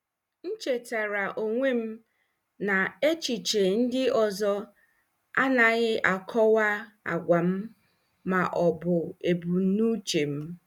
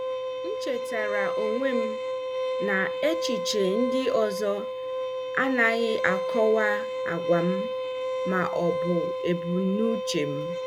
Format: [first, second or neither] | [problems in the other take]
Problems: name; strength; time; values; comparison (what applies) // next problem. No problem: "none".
first | background sound (Bowed string instrument); 2 dB below the speech